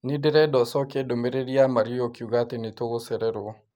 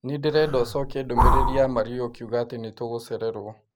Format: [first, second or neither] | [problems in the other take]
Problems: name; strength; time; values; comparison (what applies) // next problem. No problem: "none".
first | background sound (Breathing); 2 dB above the speech